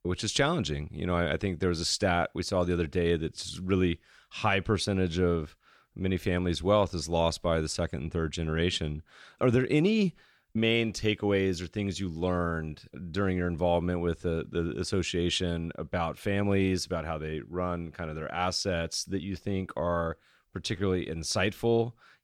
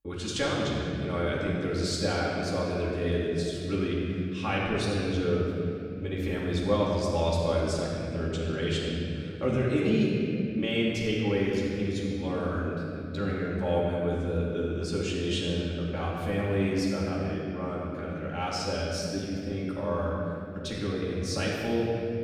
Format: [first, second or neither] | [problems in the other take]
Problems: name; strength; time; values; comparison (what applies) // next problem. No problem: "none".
first | off-mic speech; far // room echo; strong; dies away in 2.9 s